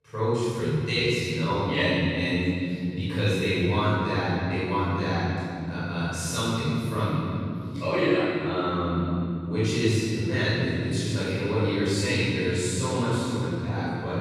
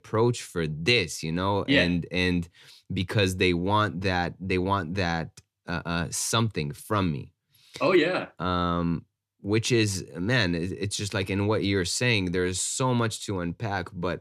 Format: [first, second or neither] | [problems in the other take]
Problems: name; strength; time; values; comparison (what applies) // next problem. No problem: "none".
second | room echo; strong; dies away in 2.7 s // off-mic speech; far